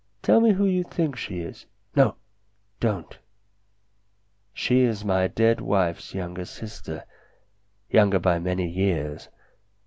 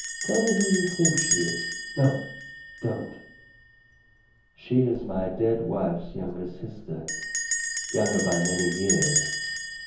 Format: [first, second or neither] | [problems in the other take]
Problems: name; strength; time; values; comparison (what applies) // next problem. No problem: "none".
first | background sound (Bell); 3 dB below the speech // room echo; dies away in 0.7 s